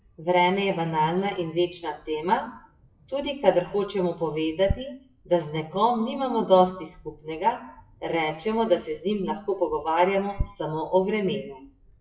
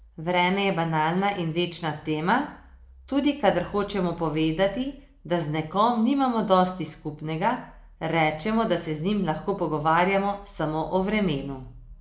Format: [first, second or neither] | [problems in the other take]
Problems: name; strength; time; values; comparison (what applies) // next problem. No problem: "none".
second | noise reduction (classical method WPE with log-MMSE)